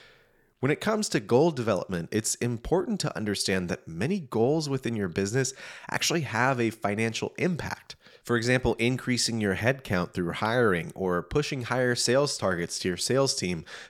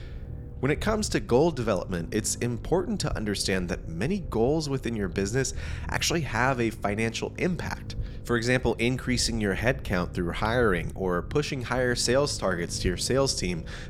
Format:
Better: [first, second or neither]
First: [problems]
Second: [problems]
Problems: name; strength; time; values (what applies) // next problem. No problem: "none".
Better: first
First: none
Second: low rumble; faint; throughout; 20 dB below the speech